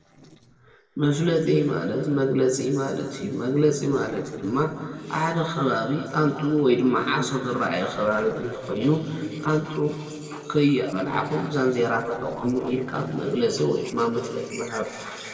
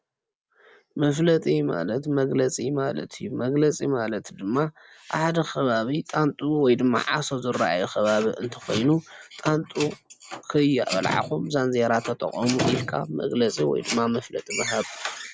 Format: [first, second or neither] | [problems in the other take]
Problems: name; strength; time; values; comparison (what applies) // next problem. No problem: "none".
second | noise reduction (neural separator model SepFormer DNS4)